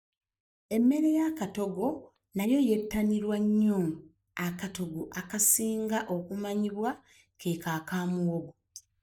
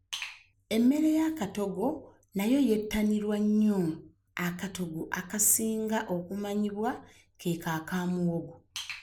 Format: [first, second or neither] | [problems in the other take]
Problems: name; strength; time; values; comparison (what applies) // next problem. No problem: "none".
second | noise reduction (neural mask model DeepFilterNet 3)